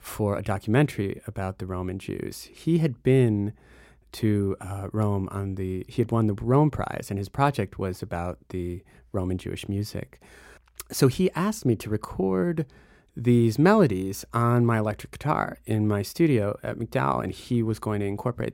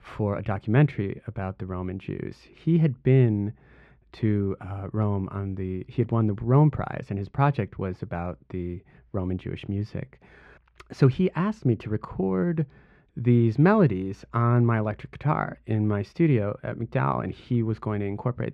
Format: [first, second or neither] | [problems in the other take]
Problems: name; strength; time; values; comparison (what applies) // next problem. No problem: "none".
first | muffled; slightly; fading above 2.5 kHz